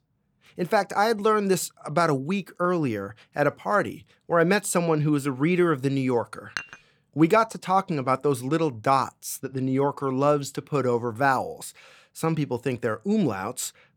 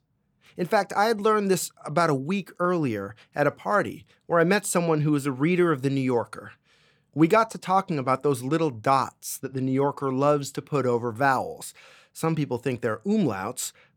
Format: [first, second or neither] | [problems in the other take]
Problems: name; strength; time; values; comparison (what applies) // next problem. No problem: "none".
second | clattering dishes; faint; at 6.5 s; peak 10 dB below the speech